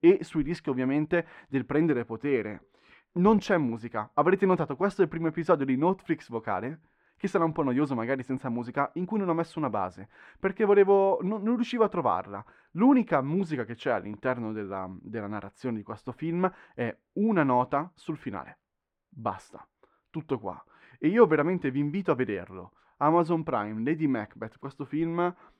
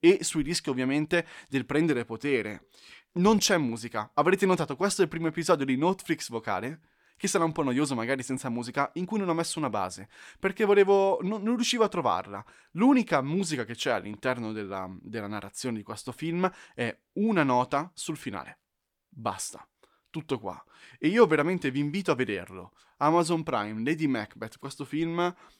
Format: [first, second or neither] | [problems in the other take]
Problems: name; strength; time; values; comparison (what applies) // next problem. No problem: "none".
second | muffled; very; fading above 3.5 kHz